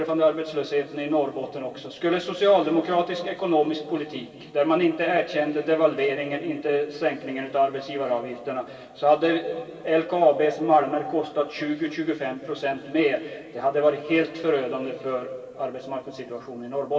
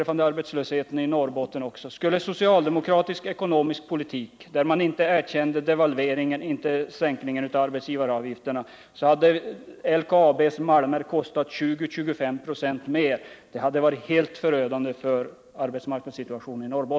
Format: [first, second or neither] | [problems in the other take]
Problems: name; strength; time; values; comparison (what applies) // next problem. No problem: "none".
second | room echo; dies away in 2.3 s